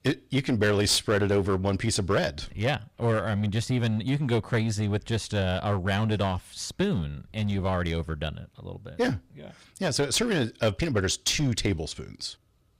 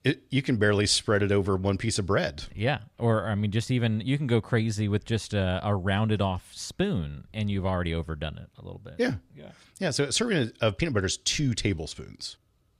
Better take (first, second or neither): second